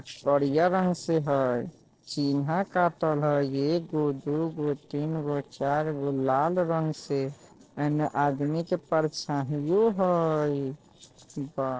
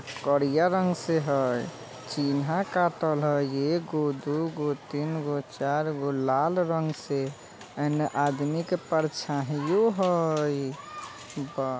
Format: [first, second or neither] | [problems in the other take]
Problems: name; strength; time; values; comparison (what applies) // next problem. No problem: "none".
second | noise reduction (neural separator model SepFormer DNS4)